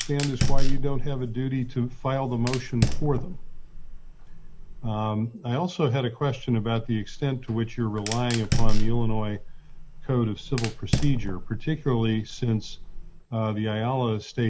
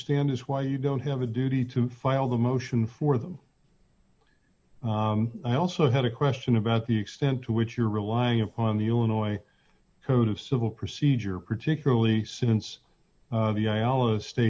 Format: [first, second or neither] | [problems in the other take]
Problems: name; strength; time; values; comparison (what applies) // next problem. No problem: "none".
second | background sound (Fire); 2 dB above the speech